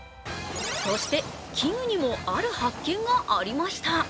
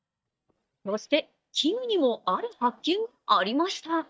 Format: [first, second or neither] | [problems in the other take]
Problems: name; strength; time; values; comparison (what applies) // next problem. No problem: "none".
first | noise reduction (neural mask model DeepFilterNet 3)